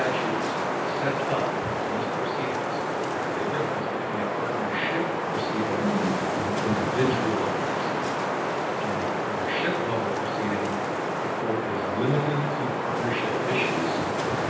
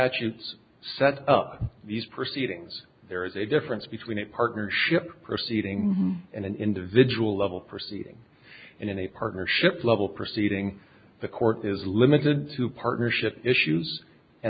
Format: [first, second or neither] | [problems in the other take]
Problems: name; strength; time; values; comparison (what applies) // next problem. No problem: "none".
second | background sound (Wind); 4 dB above the speech // room echo; dies away in 0.9 s